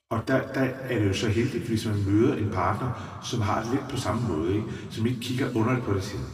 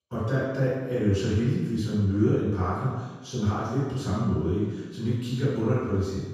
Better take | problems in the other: first | room echo; strong; dies away in 1.2 s; slight in the first // off-mic speech; far; far in the first

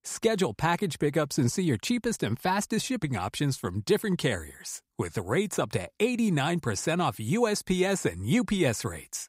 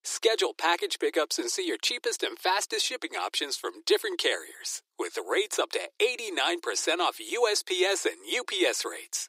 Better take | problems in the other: first | thin; very; fading below 350 Hz

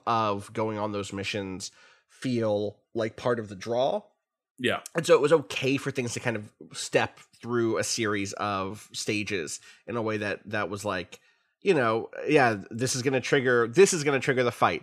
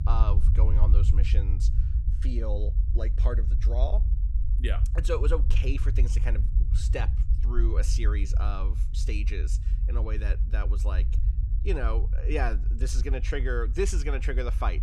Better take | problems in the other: first | low rumble; noticeable; throughout; 10 dB below the speech

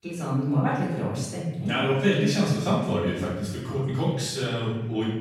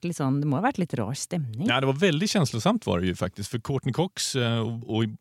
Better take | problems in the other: second | off-mic speech; far // room echo; noticeable; dies away in 1.1 s

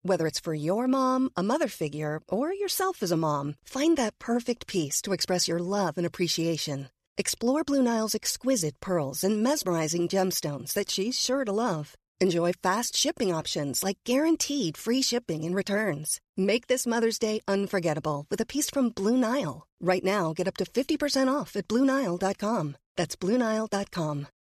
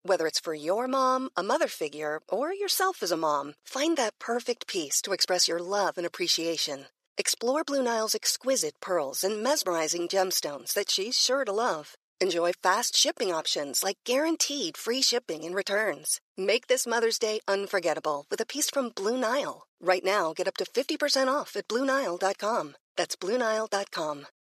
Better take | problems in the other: first | thin; somewhat; fading below 500 Hz

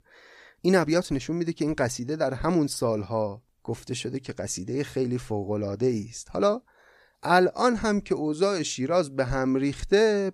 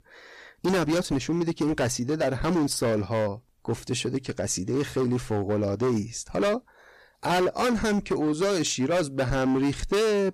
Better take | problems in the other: first | distortion; heavy; 18% of the sound clipped

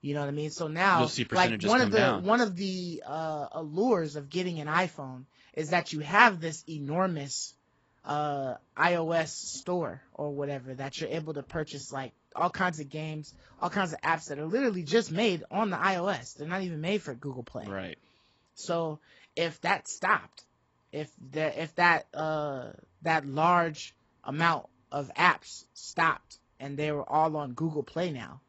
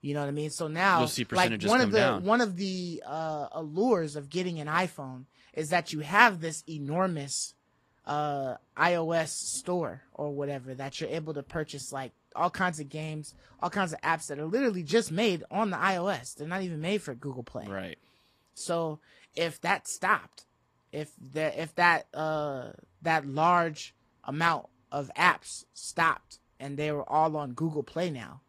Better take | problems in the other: second | garbled, watery; badly; nothing above 7.5 kHz; slightly in the second

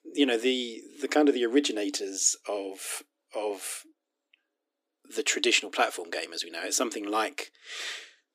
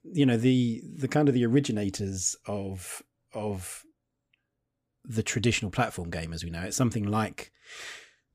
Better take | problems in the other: second | thin; somewhat; fading below 300 Hz

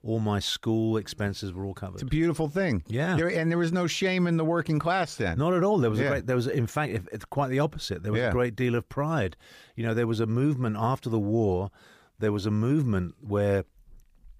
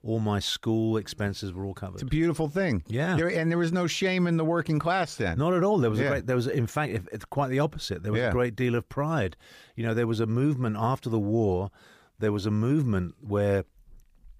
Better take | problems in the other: neither | none

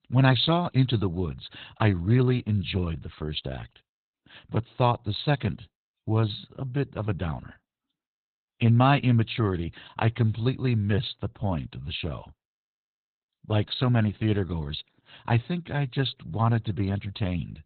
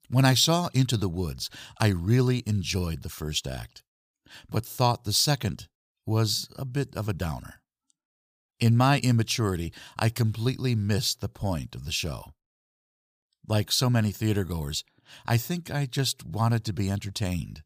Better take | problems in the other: second | garbled, watery; badly; nothing above 4 kHz

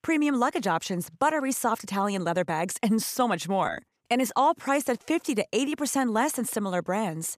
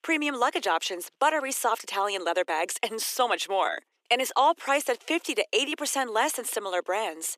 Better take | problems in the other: first | thin; somewhat; fading below 350 Hz

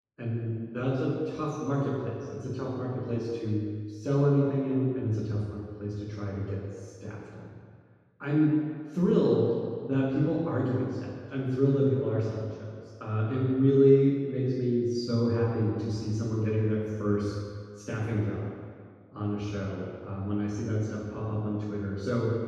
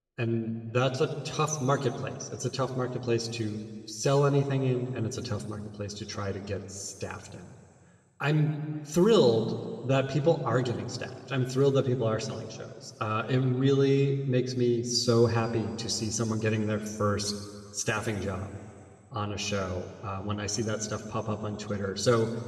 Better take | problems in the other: second | room echo; strong; dies away in 1.8 s; slight in the second // off-mic speech; far

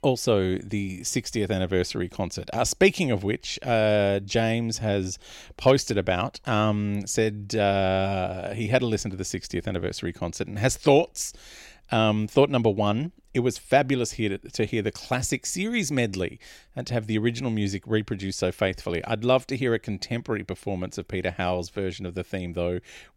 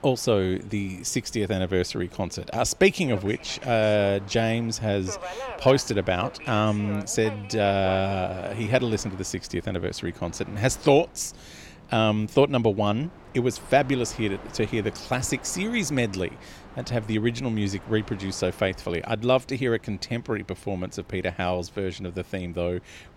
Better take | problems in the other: first | train or aircraft noise; noticeable; throughout; 20 dB below the speech

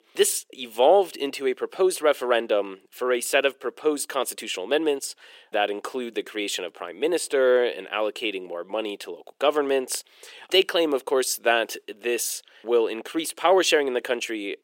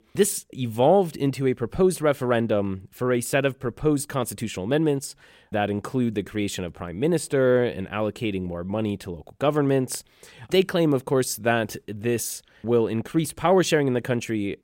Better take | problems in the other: second | thin; somewhat; fading below 350 Hz

